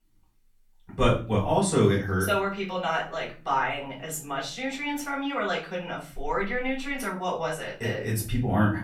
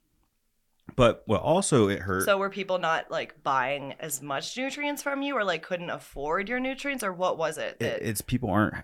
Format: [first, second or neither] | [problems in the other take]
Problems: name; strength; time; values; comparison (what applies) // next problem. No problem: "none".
second | off-mic speech; far // room echo; slight; dies away in 0.3 s